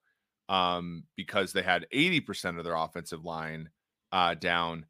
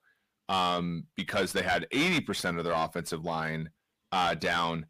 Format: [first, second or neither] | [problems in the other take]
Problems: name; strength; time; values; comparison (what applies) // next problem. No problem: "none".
first | distortion; heavy; 6 dB below the speech